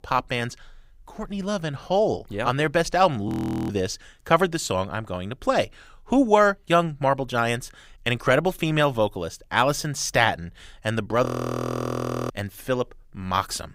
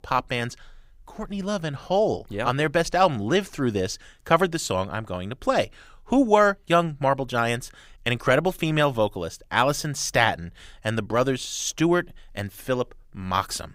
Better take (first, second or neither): second